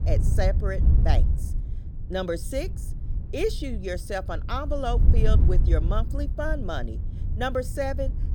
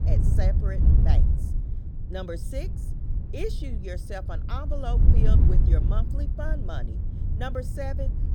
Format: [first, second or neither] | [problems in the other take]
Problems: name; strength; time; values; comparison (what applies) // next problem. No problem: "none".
first | wind noise on the microphone; heavy; 4 dB below the speech; occasional gusts in the first